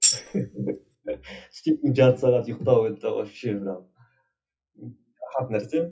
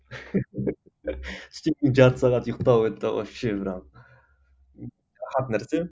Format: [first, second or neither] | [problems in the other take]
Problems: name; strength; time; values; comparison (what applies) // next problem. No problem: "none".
second | noise reduction (classical method WPE with log-MMSE)